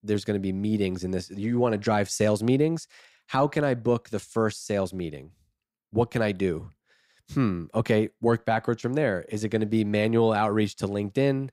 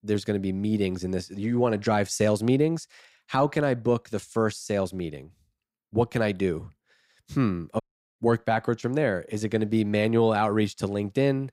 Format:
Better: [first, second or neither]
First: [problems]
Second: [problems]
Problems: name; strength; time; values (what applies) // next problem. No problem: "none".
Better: first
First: none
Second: audio cutting out; at 8 s